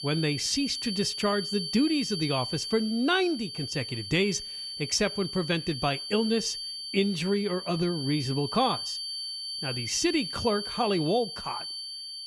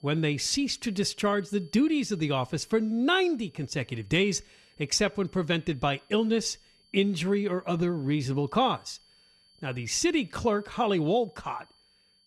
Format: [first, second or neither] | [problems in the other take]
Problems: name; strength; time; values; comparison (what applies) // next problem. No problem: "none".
second | high-pitched whine; loud; throughout; 4.5 kHz, 5 dB below the speech; faint in the second